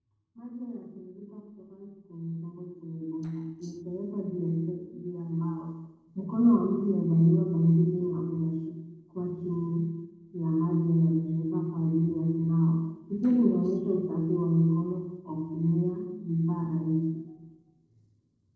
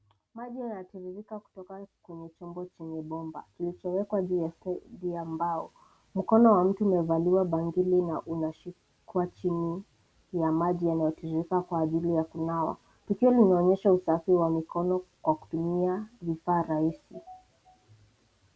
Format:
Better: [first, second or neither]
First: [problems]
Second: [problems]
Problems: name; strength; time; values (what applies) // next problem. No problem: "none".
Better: second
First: noise reduction (neural separator model SepFormer DNS4)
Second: none